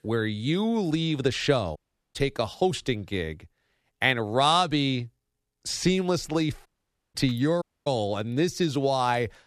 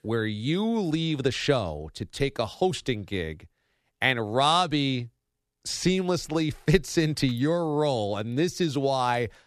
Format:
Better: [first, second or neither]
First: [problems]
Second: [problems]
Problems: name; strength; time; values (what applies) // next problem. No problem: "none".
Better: second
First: audio cutting out; at 2 s, at 6.5 s and at 7.5 s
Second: none